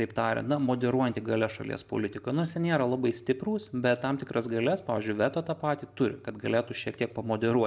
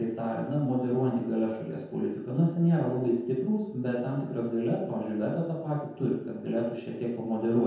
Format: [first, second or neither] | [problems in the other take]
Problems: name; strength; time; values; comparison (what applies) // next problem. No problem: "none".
first | room echo; dies away in 0.9 s